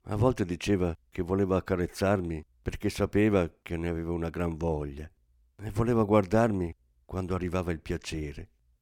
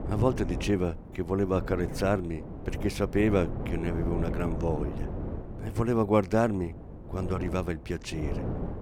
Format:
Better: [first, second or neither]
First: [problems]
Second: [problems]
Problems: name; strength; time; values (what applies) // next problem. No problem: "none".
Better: first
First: none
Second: wind noise on the microphone; occasional gusts; 10 dB below the speech